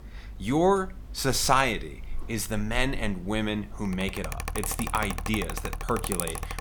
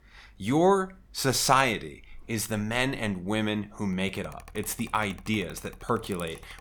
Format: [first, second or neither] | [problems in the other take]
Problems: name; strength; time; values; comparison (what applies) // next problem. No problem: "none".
second | machinery noise; loud; throughout; 9 dB below the speech; faint in the second